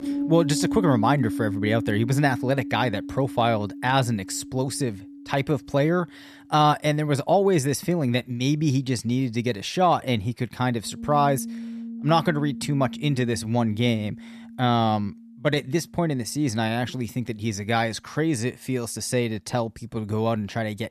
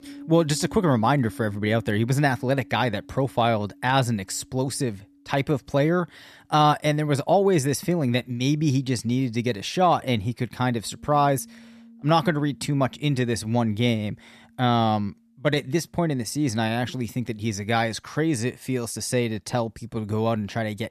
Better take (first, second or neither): second